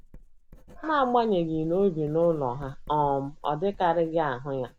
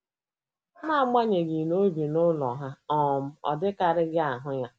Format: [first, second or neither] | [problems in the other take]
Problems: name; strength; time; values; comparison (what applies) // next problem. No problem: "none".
second | background sound (Writing); 19 dB below the speech